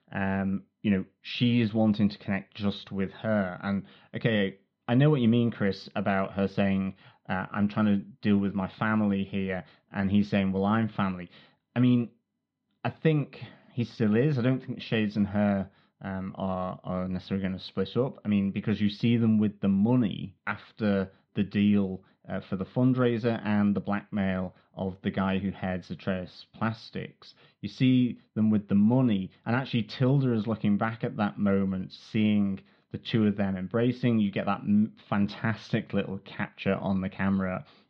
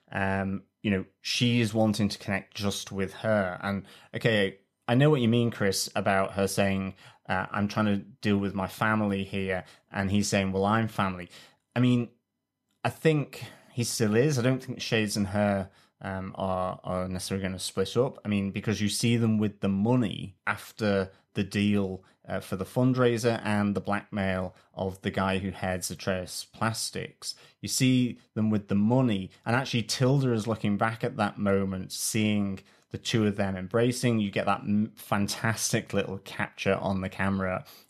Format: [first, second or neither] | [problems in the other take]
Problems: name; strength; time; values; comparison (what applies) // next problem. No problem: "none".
second | muffled; slightly; fading above 4 kHz